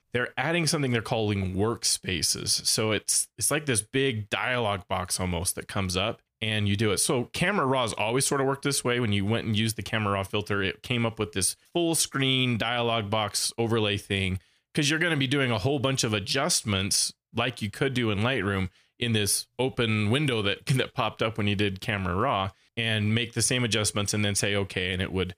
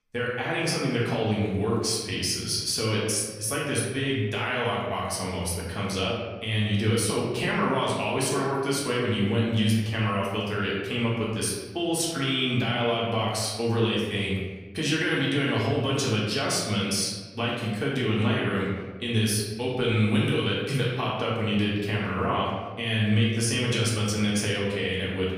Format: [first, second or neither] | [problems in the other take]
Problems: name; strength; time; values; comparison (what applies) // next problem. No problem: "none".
first | room echo; noticeable; dies away in 1.1 s // off-mic speech; far